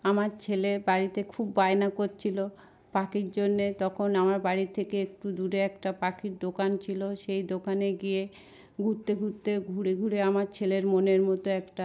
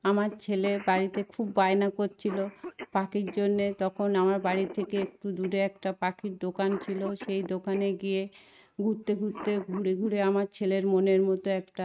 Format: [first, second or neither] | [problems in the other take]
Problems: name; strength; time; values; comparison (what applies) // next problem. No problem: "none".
first | noise reduction (neural mask model RNNoise)